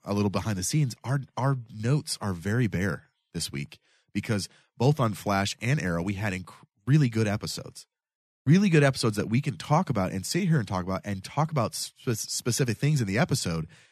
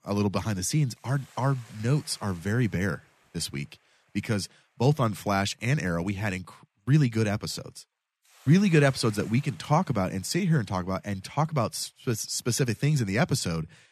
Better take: first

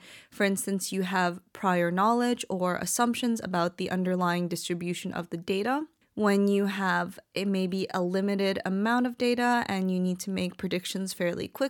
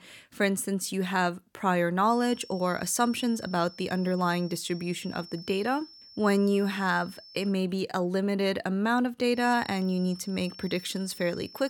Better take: first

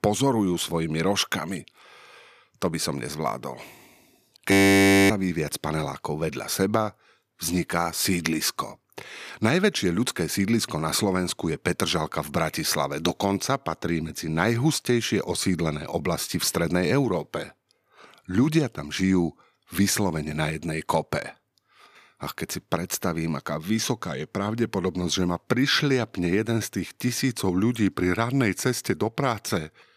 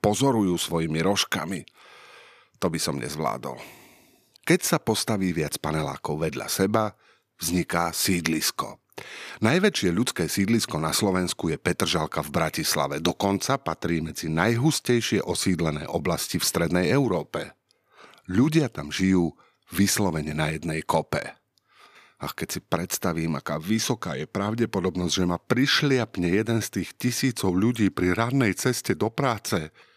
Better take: second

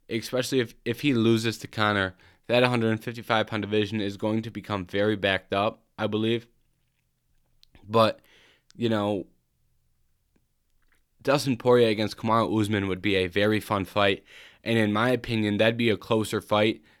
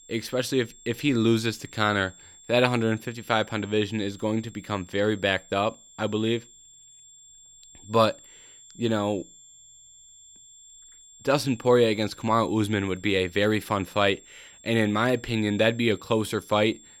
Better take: first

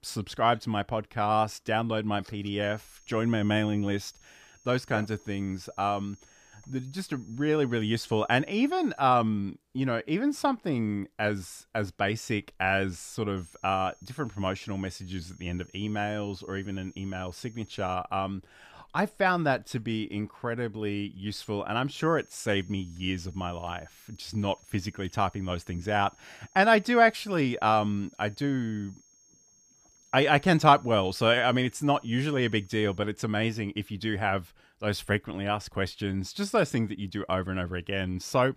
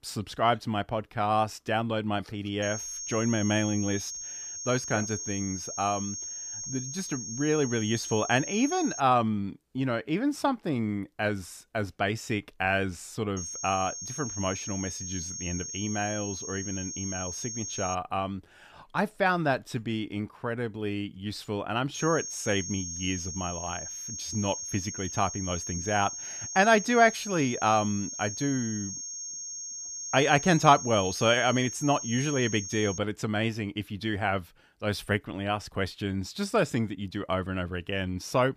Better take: first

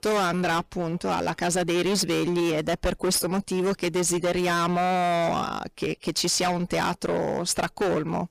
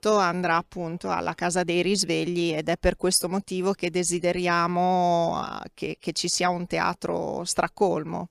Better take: second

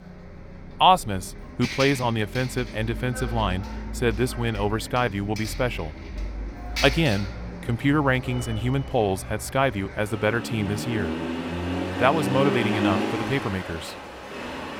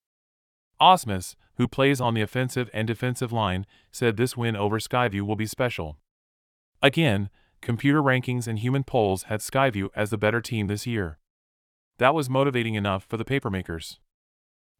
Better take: second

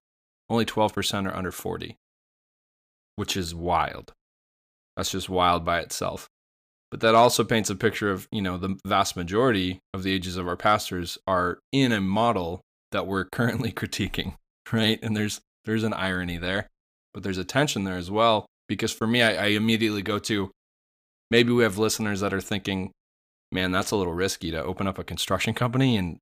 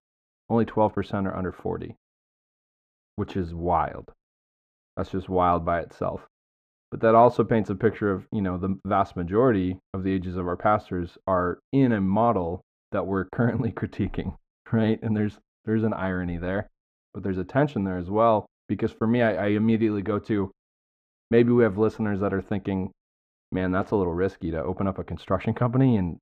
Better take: first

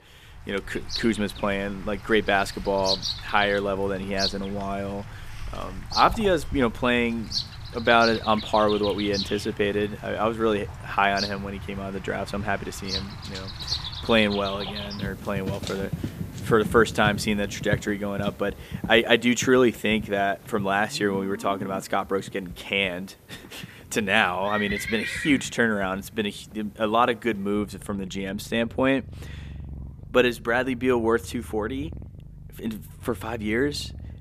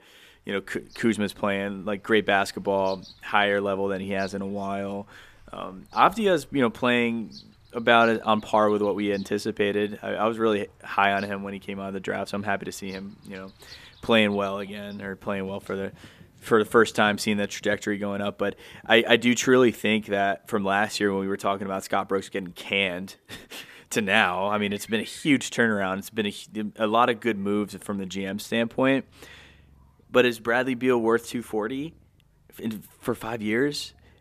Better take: second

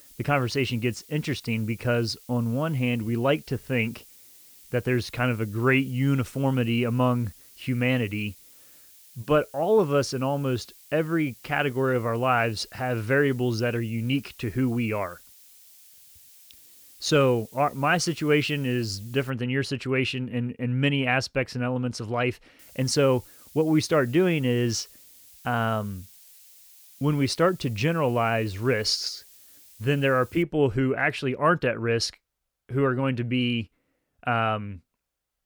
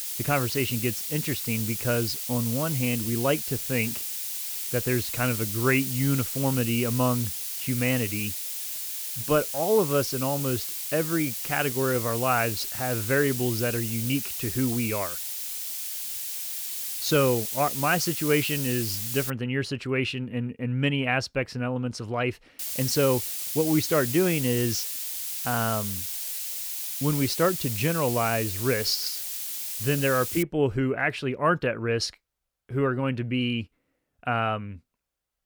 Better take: first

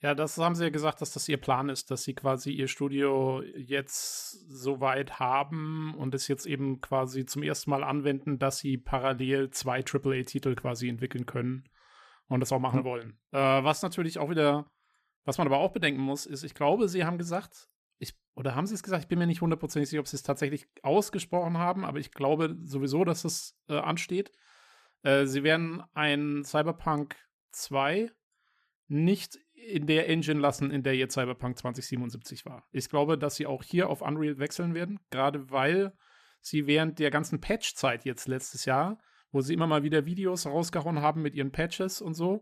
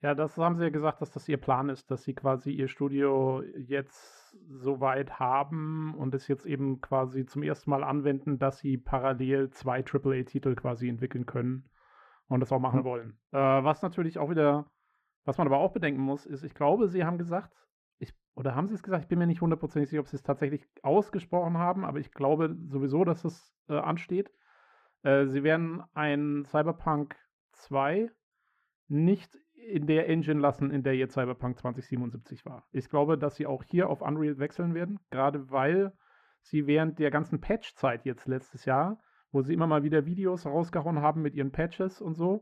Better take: first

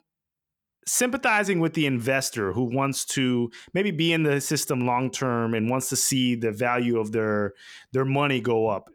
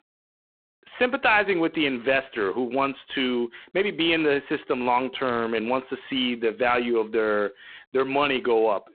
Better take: first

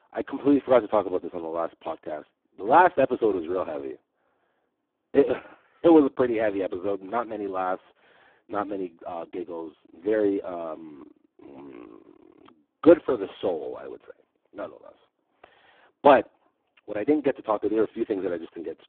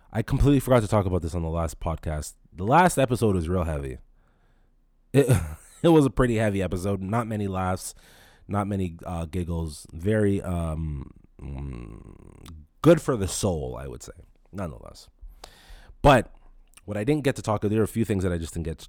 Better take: second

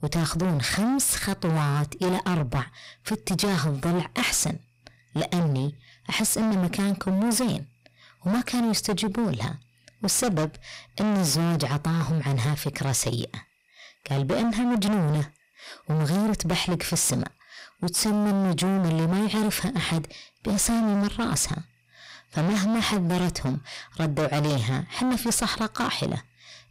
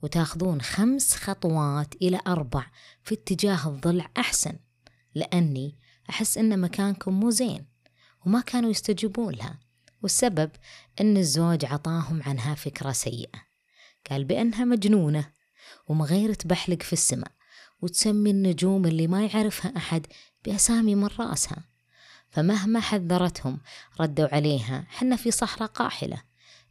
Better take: second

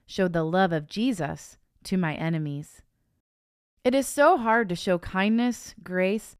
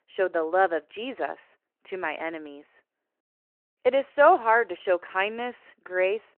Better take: first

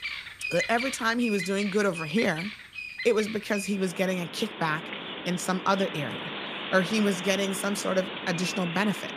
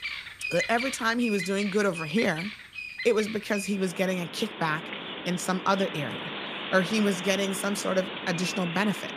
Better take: neither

